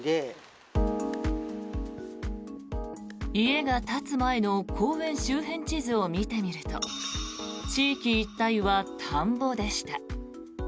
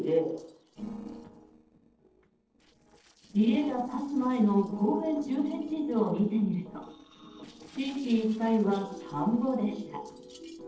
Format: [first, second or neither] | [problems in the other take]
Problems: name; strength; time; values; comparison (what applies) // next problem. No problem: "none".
first | noise reduction (neural separator model SepFormer DNS4)